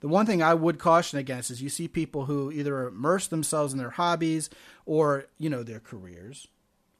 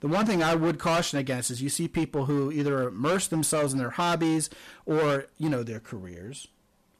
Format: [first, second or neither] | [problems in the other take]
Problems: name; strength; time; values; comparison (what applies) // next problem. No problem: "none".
first | distortion; heavy; 14% of the sound clipped